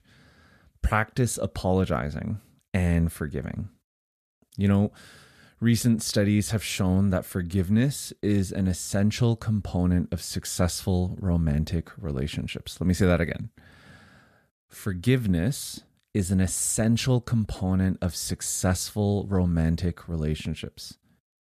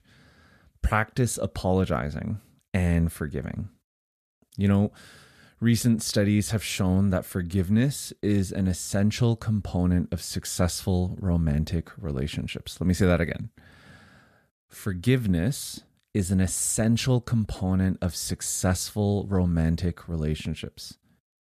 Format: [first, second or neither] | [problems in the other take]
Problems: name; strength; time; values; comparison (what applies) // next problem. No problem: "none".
neither | none